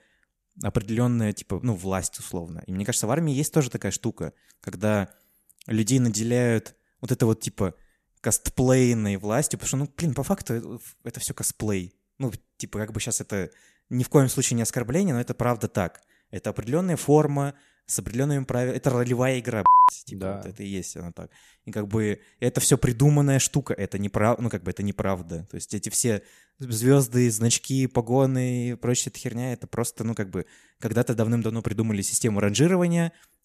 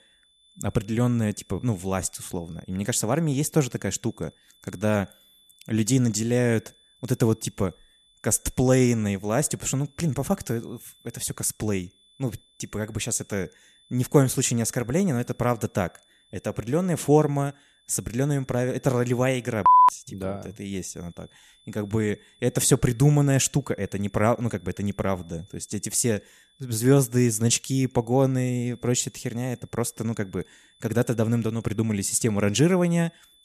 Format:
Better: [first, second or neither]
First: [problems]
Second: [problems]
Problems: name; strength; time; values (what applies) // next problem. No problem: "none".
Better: first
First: none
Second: high-pitched whine; faint; throughout; 3.5 kHz, 35 dB below the speech